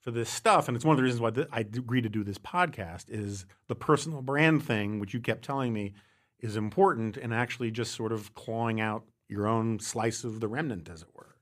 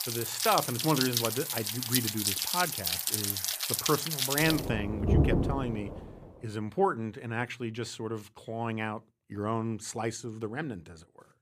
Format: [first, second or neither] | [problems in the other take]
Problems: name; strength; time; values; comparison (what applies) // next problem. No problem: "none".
first | rain or running water; very loud; until 6 s; 3 dB above the speech